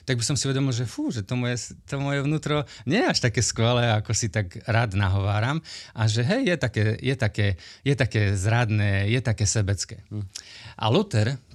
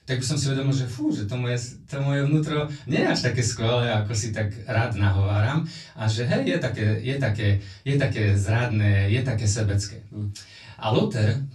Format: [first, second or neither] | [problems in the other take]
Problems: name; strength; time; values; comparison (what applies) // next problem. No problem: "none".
first | off-mic speech; far // room echo; very slight; dies away in 0.3 s